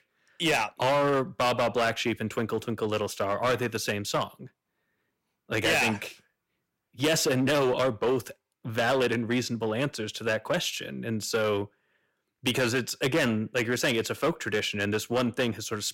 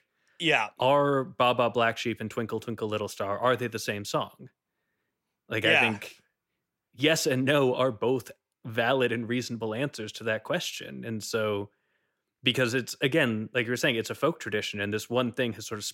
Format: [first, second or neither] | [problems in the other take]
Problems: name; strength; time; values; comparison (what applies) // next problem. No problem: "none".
second | distortion; heavy; 9% of the sound clipped